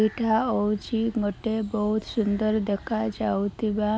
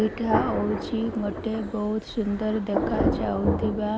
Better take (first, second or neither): first